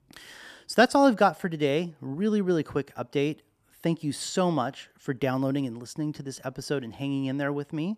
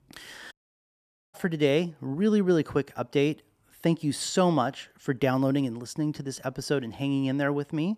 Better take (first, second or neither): first